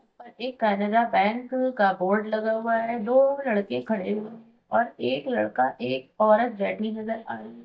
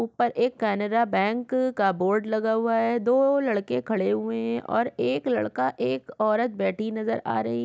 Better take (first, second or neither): second